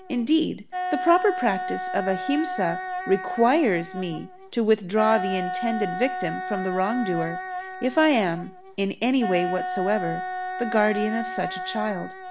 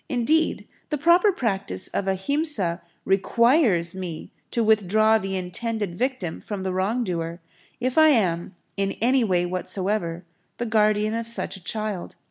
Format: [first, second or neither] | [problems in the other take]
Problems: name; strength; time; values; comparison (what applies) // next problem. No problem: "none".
second | background sound (Wind instrument, woodwind instrument); 7 dB below the speech